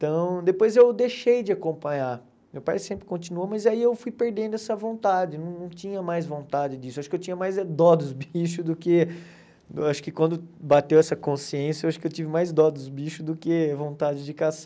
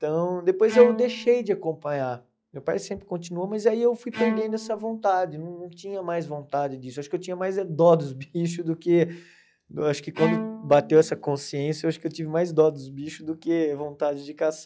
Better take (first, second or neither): first